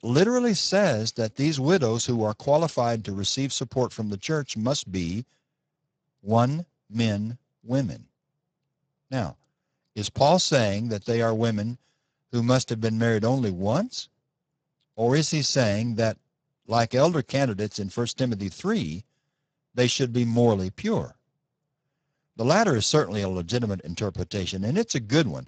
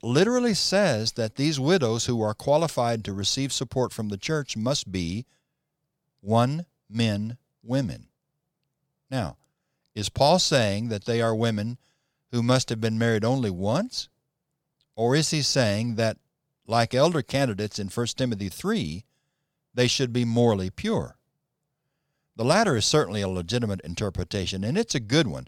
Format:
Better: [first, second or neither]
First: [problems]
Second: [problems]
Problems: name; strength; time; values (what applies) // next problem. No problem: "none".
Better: second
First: garbled, watery; badly; nothing above 7.5 kHz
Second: none